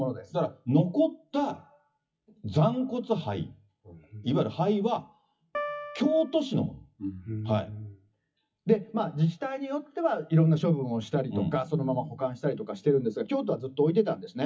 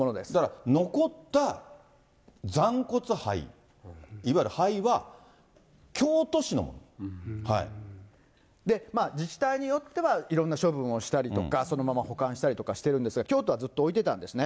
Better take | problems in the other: second | noise reduction (classical method WPE with log-MMSE)

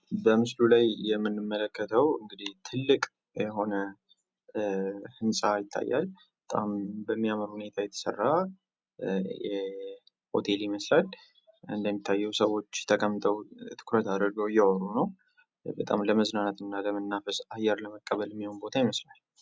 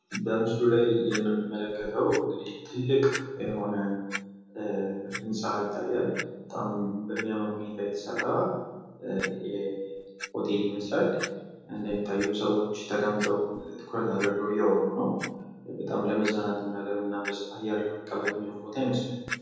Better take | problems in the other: first | background sound (Clock); 14 dB below the speech // room echo; dies away in 1.3 s

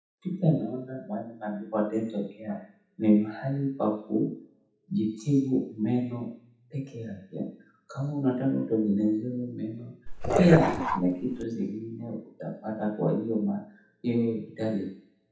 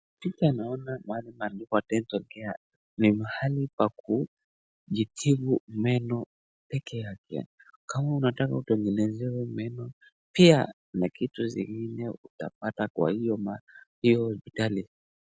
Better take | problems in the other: second | background sound (Dog); 1 dB above the speech // room echo; dies away in 0.7 s

